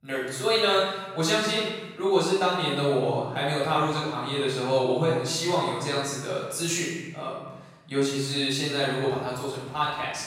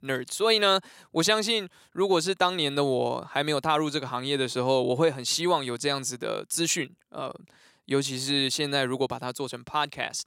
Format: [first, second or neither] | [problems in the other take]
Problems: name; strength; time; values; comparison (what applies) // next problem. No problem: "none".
second | room echo; strong; dies away in 1.3 s // off-mic speech; far